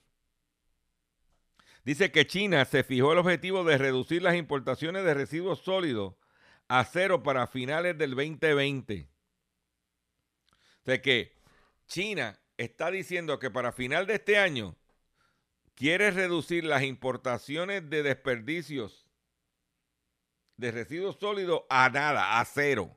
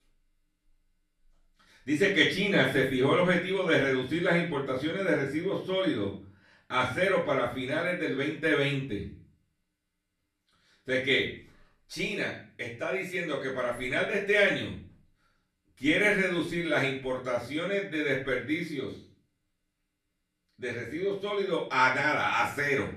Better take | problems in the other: first | off-mic speech; far // room echo; slight; dies away in 0.4 s

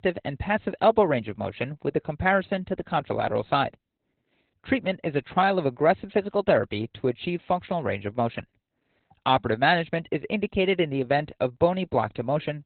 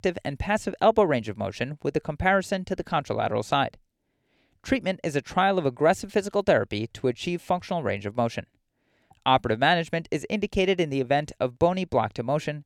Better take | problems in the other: second | garbled, watery; badly; nothing above 4 kHz

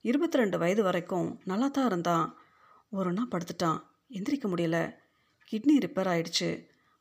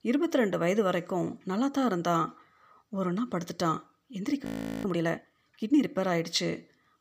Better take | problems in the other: first | audio freezing; at 4.5 s

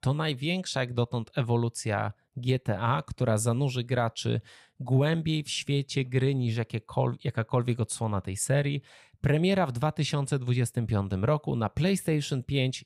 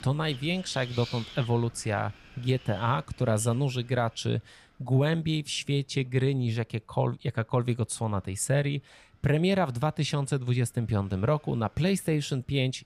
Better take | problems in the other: first | wind noise on the microphone; occasional gusts; 15 dB below the speech

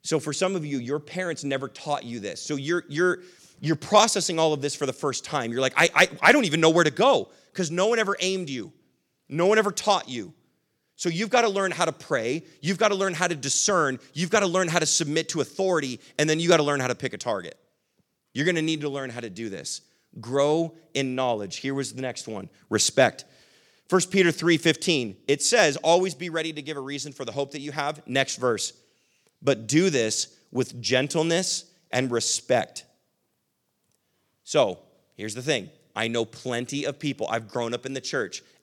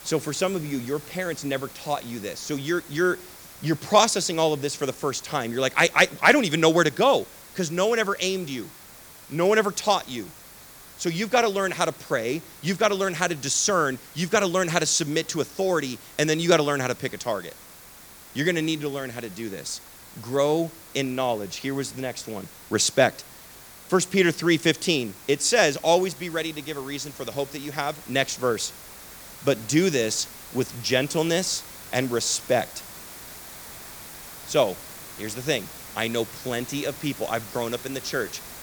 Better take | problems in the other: first | hiss; noticeable; throughout; 15 dB below the speech

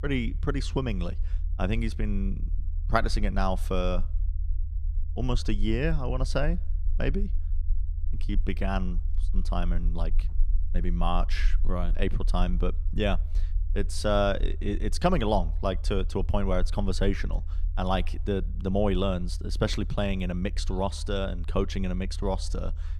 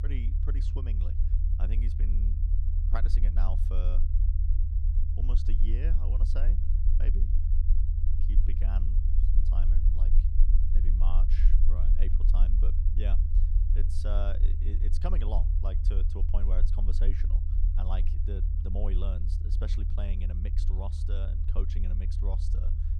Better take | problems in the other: first | low rumble; loud; throughout; 3 dB below the speech; faint in the first

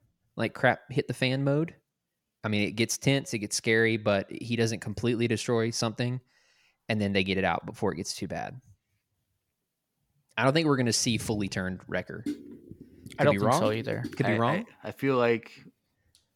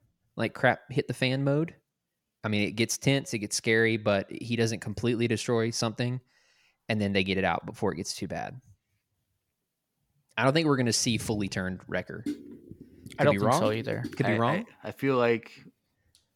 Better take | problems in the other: neither | none

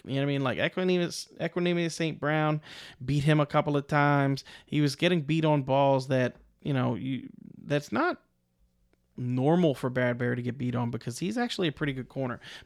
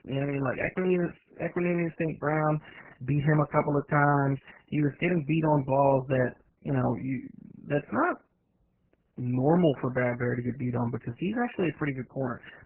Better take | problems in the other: first | garbled, watery; badly; nothing above 3 kHz

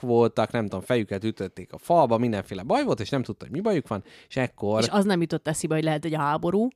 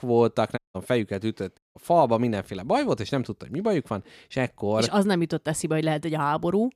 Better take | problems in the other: first | audio cutting out; at 0.5 s and at 1.5 s

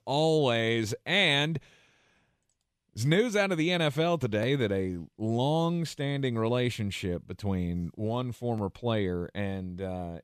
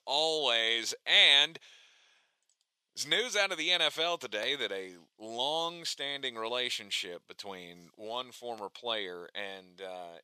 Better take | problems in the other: first | thin; very; fading below 650 Hz

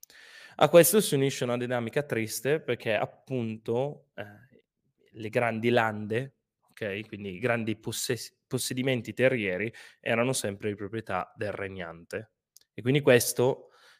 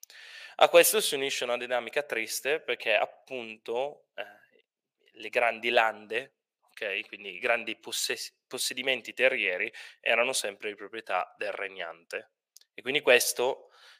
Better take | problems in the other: first | thin; very; fading below 500 Hz

